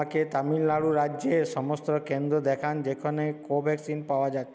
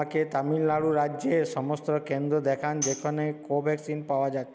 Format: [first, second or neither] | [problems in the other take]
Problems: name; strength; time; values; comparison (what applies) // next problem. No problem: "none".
first | background sound (Tambourine); 12 dB below the speech